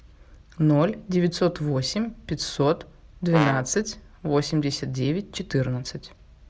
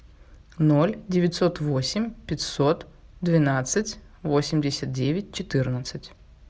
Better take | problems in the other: second | background sound (Brass instrument); 6 dB below the speech

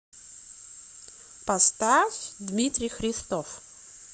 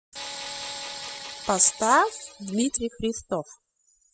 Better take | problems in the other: first | noise reduction (classical method spectral subtraction)

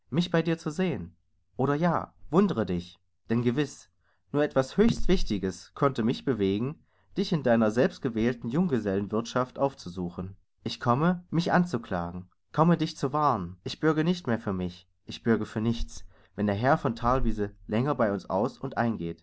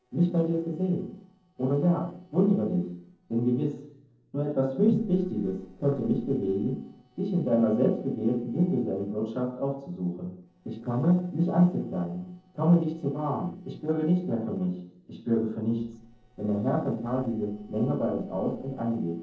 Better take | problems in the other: first | noise reduction (neural separator model SepFormer DNS4)

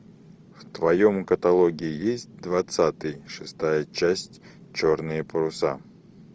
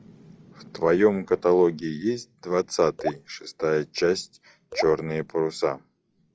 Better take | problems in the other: first | noise reduction (classical method log-MMSE)

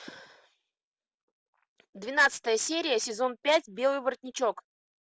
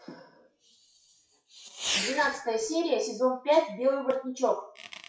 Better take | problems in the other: first | noise reduction (classical method WPE with log-MMSE)

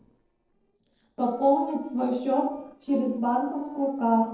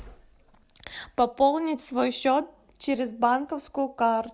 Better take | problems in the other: second | noise reduction (neural separator model SepFormer DNS4)

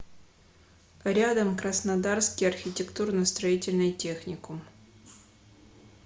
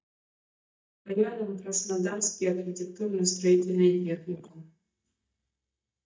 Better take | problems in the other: first | noise reduction (neural mask model DeepFilterNet 3)

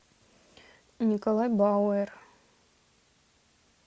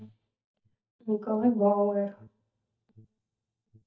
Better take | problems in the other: first | noise reduction (neural mask model DeepFilterNet 3)

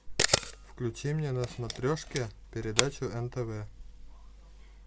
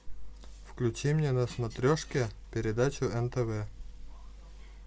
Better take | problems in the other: second | background sound (Camera); 1 dB above the speech

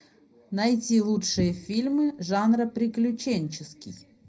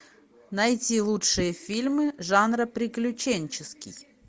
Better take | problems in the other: second | room echo; dies away in 0.4 s

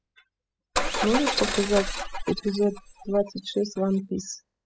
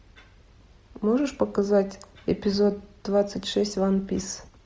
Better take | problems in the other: second | noise reduction (classical method spectral subtraction)

